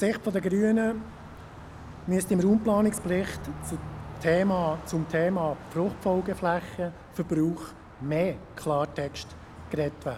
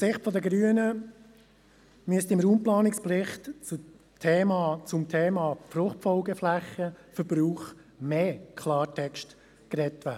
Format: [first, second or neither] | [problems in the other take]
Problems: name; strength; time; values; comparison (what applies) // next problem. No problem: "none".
second | background sound (Car passing by); 15 dB below the speech